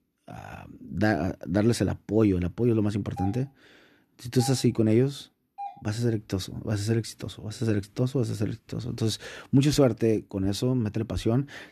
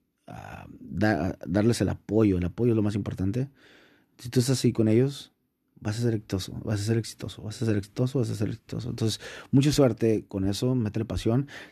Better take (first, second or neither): second